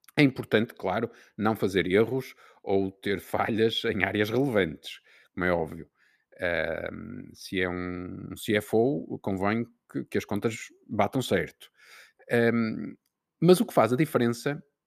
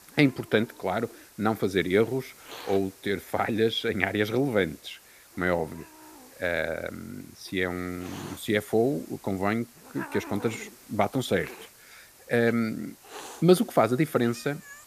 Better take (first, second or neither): first